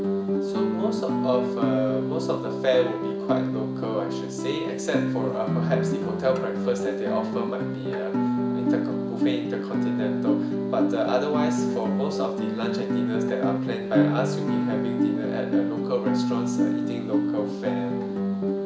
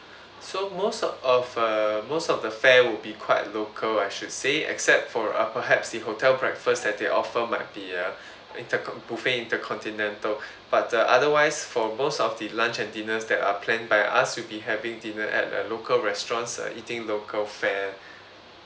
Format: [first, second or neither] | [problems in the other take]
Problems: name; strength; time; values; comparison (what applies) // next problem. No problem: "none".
second | background sound (Guitar); 4 dB above the speech // room echo; dies away in 1.3 s